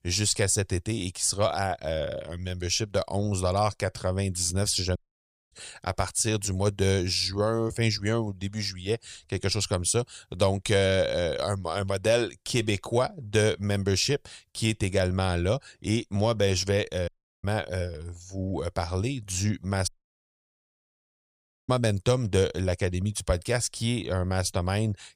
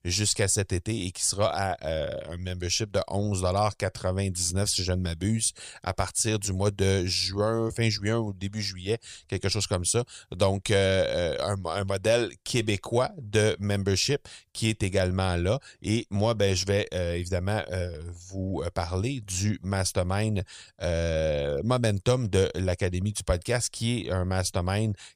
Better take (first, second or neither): second